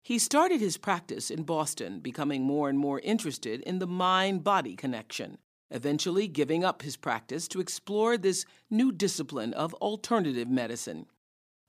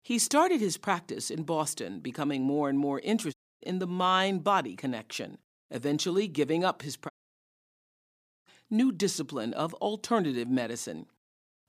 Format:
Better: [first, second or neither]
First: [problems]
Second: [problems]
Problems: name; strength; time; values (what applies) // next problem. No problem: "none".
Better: first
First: none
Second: audio cutting out; at 3.5 s and at 7 s for 1.5 s